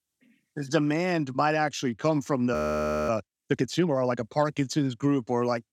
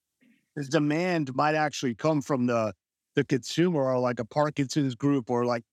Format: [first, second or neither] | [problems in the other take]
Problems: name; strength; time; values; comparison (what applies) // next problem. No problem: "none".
second | audio freezing; at 2.5 s for 0.5 s